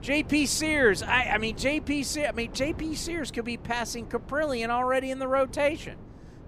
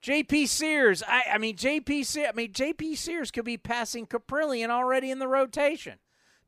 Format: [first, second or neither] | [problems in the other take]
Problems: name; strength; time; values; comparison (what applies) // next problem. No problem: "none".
second | wind noise on the microphone; occasional gusts; 20 dB below the speech